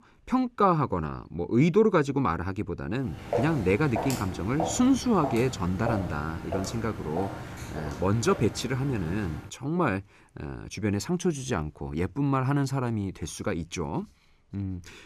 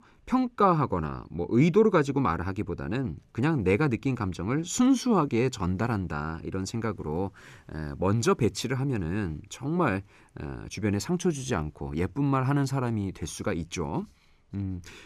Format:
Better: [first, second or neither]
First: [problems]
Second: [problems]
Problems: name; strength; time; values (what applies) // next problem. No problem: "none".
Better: second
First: footsteps; noticeable; from 3 to 9.5 s; peak 3 dB below the speech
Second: none